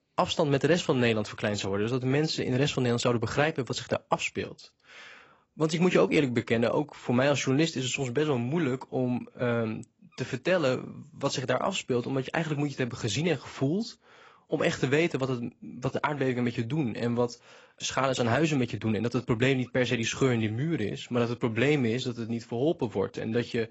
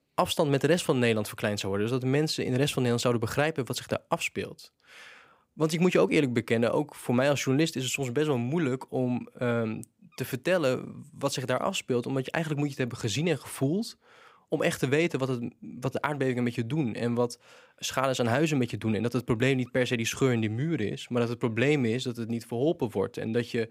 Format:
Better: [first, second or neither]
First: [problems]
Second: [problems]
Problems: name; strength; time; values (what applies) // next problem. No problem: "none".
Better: second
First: garbled, watery; badly; nothing above 8 kHz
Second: none